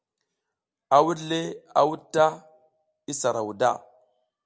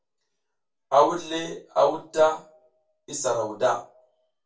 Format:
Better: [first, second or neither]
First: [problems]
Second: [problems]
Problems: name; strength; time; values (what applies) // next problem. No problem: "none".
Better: first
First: none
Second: room echo; dies away in 0.2 s